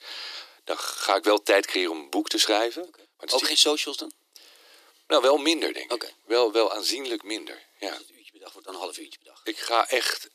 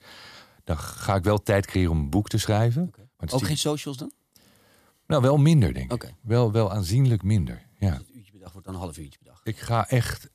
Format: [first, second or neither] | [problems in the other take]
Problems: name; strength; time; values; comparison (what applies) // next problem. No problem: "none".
second | thin; very; fading below 300 Hz